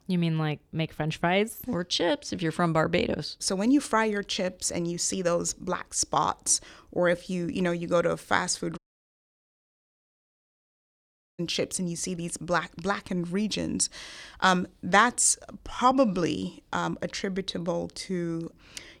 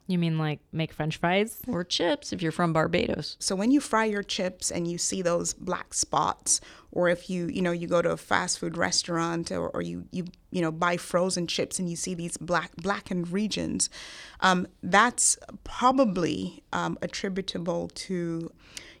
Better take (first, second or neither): second